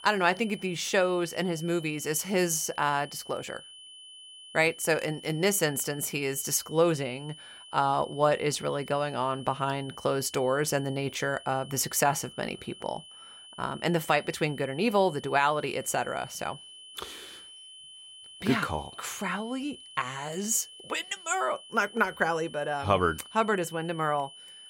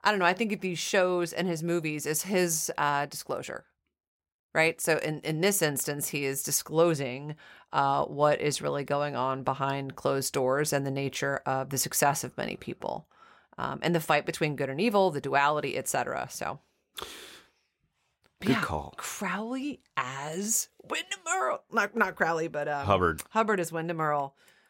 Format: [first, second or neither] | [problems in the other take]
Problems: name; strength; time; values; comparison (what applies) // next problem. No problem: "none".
second | high-pitched whine; noticeable; throughout; 3 kHz, 15 dB below the speech